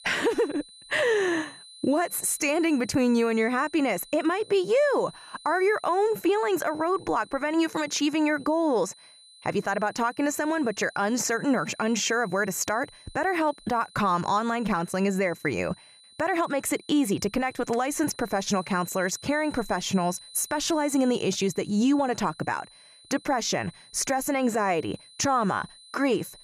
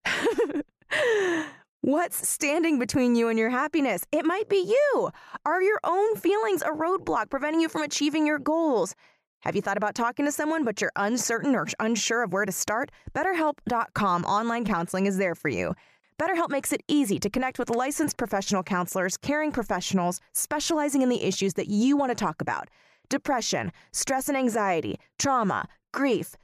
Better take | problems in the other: second | high-pitched whine; faint; throughout; 4 kHz, 20 dB below the speech

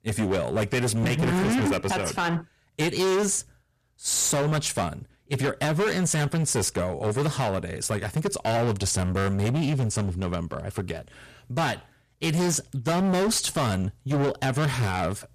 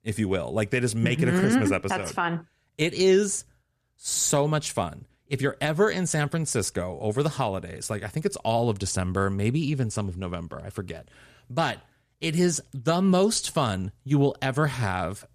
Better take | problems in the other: second | distortion; heavy; 21% of the sound clipped

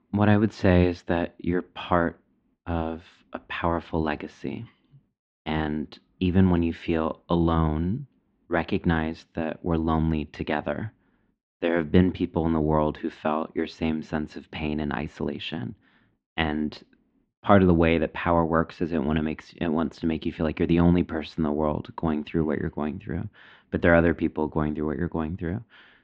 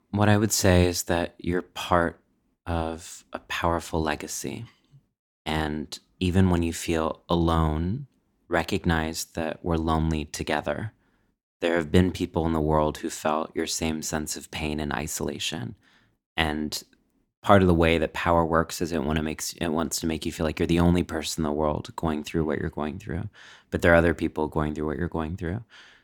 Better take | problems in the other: second | muffled; very; fading above 3.5 kHz

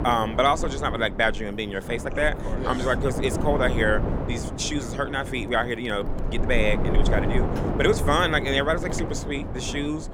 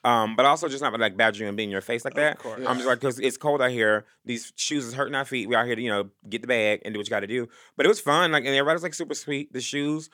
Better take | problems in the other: second | wind noise on the microphone; heavy; 9 dB below the speech

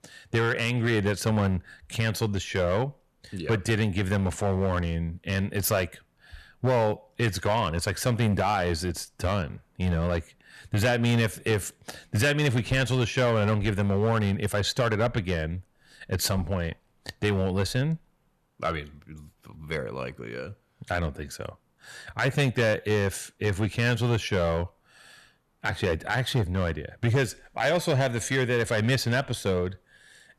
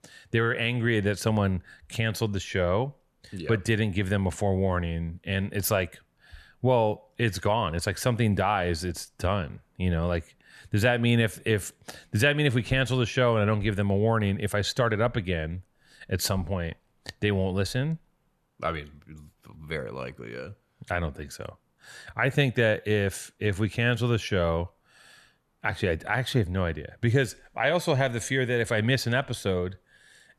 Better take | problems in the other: second | distortion; slight; 6% of the sound clipped

